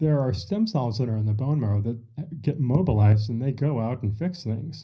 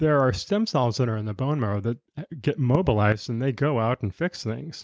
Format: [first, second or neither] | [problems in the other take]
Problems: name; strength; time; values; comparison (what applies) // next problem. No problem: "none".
second | room echo; dies away in 0.4 s